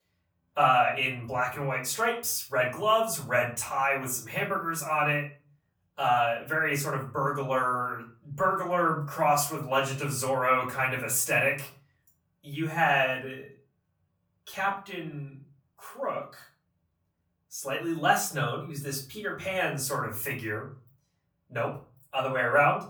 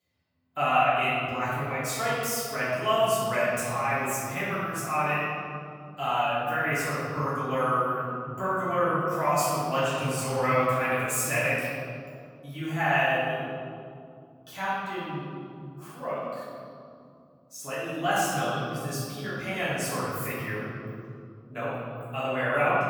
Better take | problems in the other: first | room echo; strong; dies away in 2.5 s; slight in the first // off-mic speech; far; far in the first

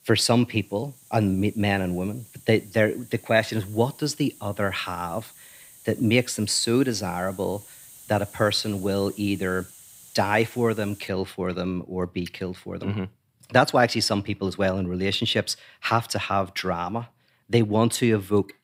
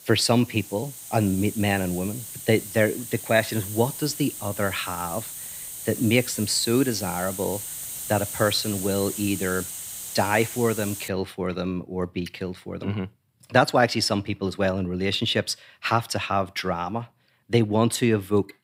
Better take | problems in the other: first | hiss; loud; until 11 s; 8 dB below the speech; faint in the first

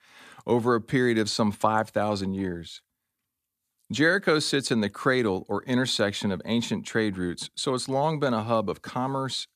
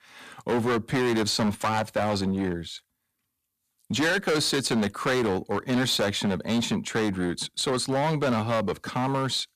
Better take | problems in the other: first | distortion; heavy; 14% of the sound clipped

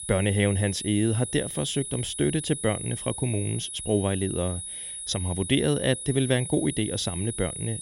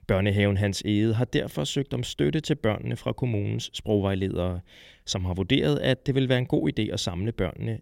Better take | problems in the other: second | high-pitched whine; loud; throughout; 10 kHz, 7 dB below the speech

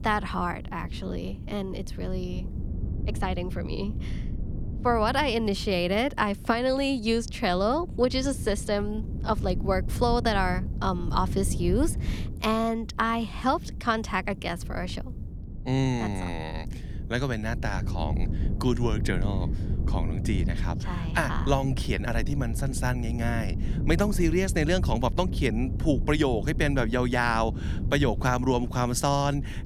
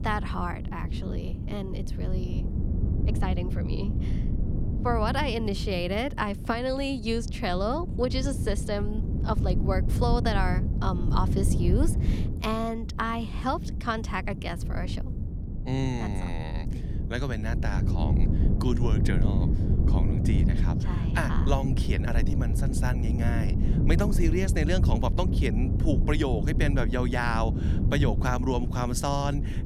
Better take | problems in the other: first | wind noise on the microphone; heavy; 8 dB below the speech; occasional gusts in the first

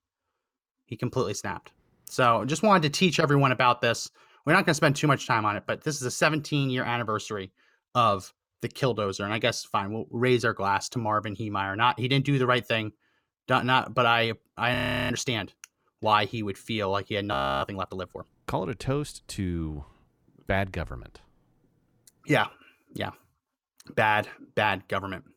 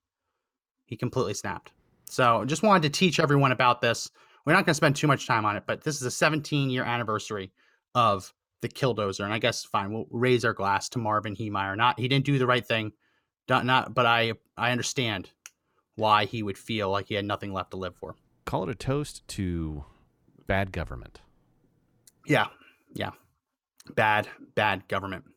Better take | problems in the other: second | audio freezing; at 15 s and at 17 s

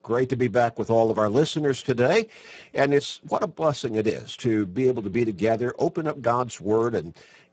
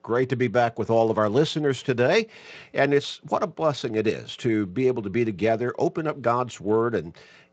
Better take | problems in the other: second | garbled, watery; badly; nothing above 7.5 kHz; slightly in the second

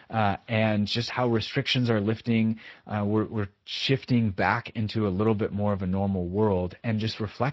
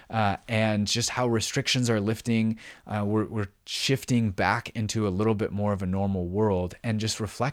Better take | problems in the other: second | garbled, watery; slightly

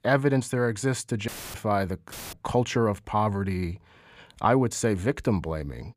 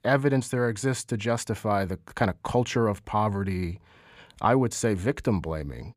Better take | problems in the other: second | audio cutting out; filled with static; at 1.5 s and at 2 s

